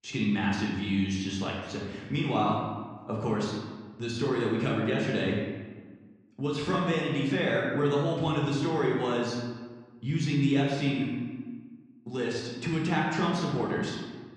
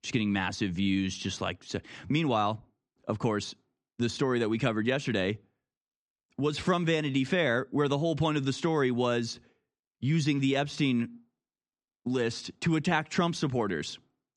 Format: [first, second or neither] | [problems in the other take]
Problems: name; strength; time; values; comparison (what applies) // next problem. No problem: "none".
second | room echo; noticeable; dies away in 1.2 s // off-mic speech; far